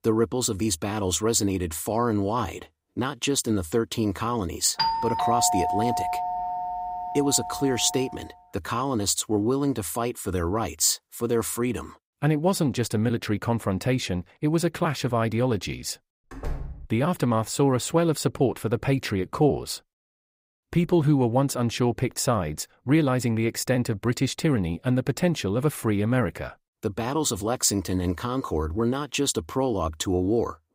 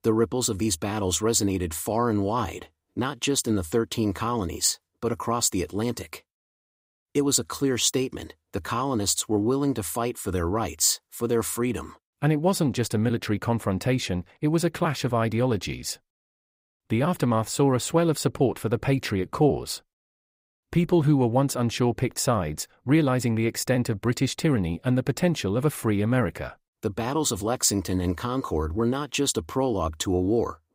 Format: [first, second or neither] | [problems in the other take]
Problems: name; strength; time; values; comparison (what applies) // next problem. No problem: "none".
second | doorbell; loud; from 5 to 8 s; peak 1 dB above the speech // door banging; faint; at 16 s; peak 10 dB below the speech